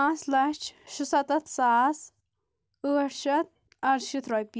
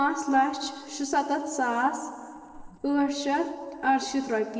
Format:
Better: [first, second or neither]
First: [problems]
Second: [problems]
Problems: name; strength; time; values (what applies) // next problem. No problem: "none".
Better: first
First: none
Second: noise reduction (neural separator model SepFormer DNS4)